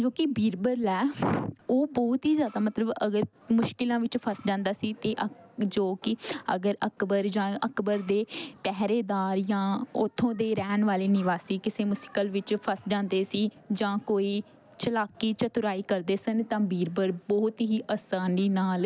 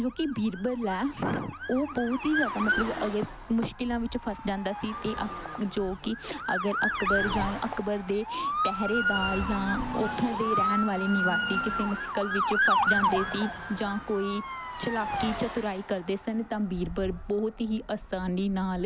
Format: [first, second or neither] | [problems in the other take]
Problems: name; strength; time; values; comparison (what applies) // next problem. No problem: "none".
first | background sound (Motor vehicle (road) / Siren); 2 dB below the speech